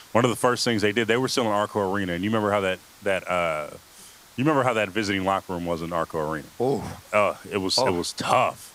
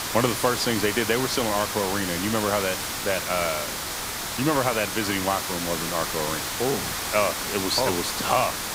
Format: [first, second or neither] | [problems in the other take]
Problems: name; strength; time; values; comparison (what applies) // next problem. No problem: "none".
first | hiss; loud; throughout; 2 dB below the speech; faint in the first